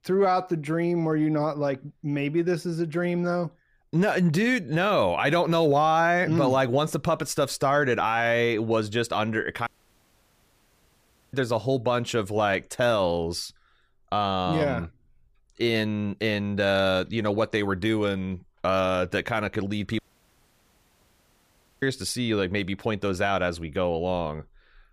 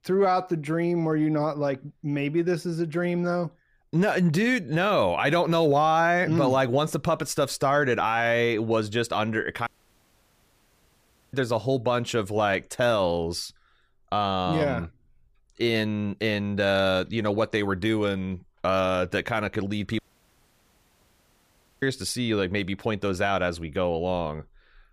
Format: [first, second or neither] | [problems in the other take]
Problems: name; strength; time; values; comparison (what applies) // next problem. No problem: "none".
neither | audio cutting out; at 9.5 s for 1.5 s and at 20 s for 2 s; the same in both